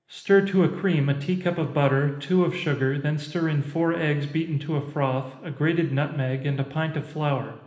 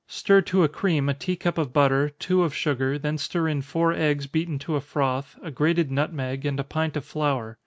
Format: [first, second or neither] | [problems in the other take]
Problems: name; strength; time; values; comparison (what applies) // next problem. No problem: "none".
second | room echo; dies away in 1.1 s